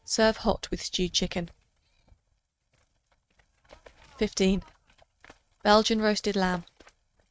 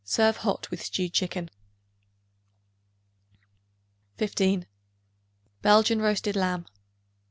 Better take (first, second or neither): second